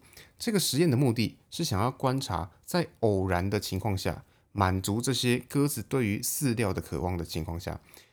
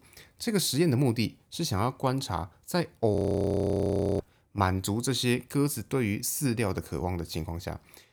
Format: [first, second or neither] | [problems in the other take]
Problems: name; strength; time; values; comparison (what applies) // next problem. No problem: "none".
first | audio freezing; at 3 s for 1 s